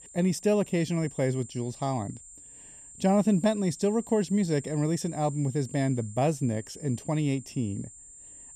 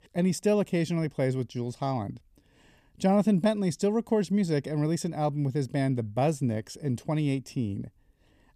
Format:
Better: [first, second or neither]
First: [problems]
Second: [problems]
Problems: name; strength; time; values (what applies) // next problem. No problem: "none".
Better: second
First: high-pitched whine; noticeable; throughout; 7.5 kHz, 15 dB below the speech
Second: none